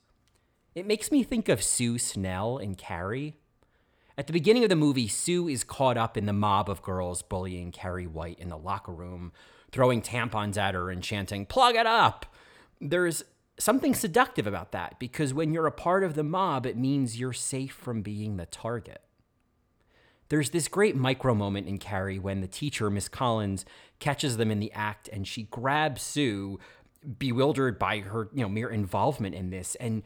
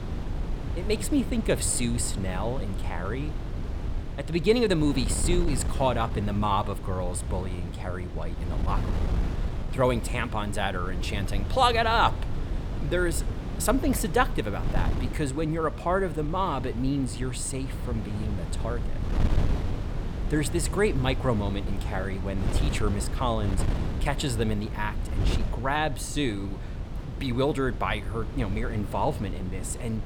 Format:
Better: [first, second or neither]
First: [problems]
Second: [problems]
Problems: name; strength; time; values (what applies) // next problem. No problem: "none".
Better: first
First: none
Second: wind noise on the microphone; occasional gusts; 10 dB below the speech